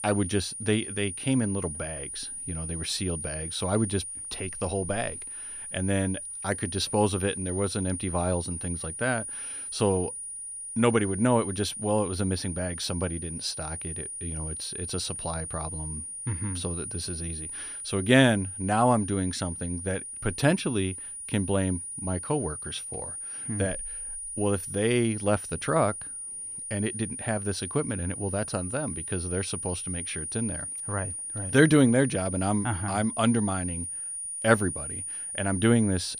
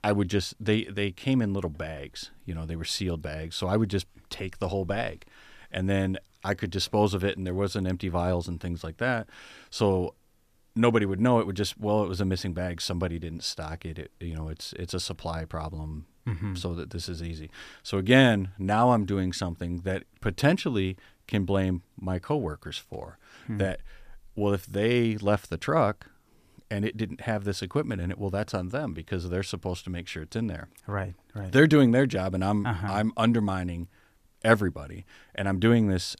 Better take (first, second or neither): second